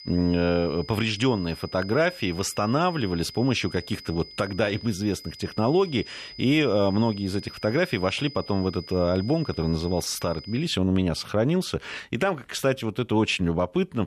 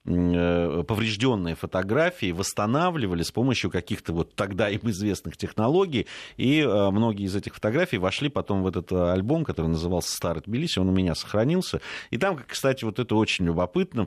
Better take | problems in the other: second | high-pitched whine; noticeable; until 11 s; 5 kHz, 15 dB below the speech

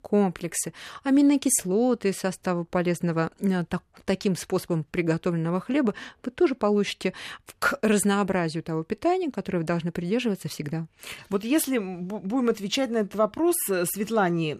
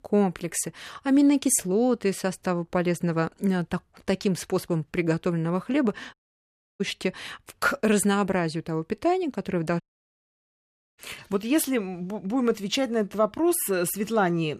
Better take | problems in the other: first | audio cutting out; at 6 s for 0.5 s and at 10 s for 1 s

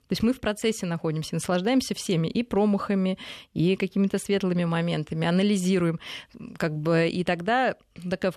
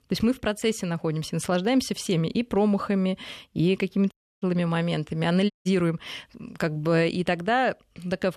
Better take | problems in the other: first | audio cutting out; at 4 s and at 5.5 s

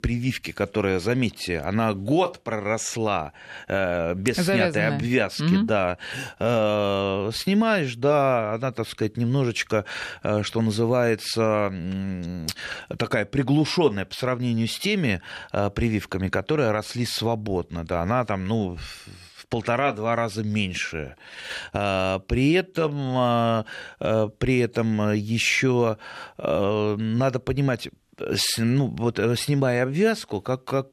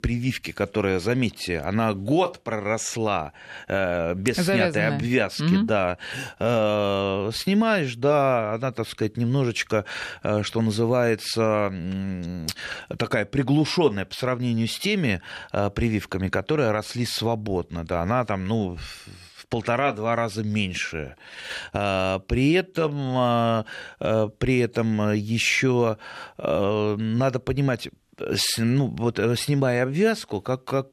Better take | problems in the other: neither | none

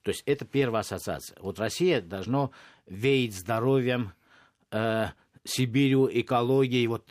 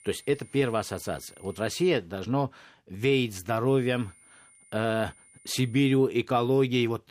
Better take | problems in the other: first | high-pitched whine; faint; until 2 s and from 3.5 to 6 s; 9 kHz, 25 dB below the speech

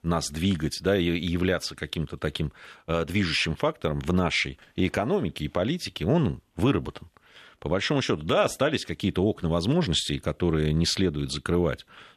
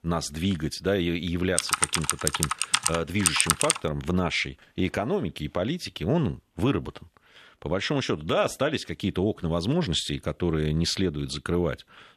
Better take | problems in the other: first | keyboard typing; loud; from 1.5 to 4 s; peak 5 dB above the speech

